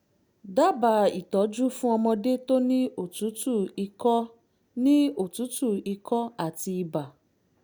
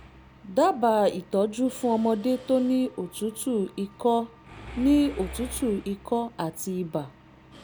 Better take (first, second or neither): first